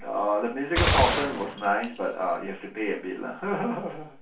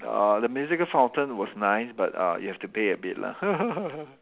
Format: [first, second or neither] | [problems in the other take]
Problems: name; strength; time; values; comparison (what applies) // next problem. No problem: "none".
second | background sound (Gunshot, gunfire); 1 dB below the speech // room echo; dies away in 0.3 s